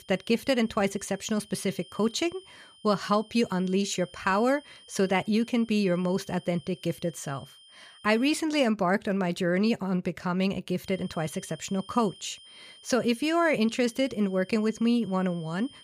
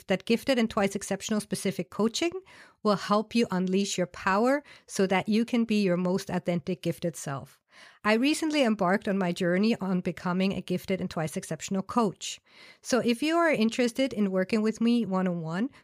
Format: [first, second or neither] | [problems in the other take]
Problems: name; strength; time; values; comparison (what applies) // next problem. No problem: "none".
second | high-pitched whine; faint; until 8.5 s and from 11 s on; 3 kHz, 25 dB below the speech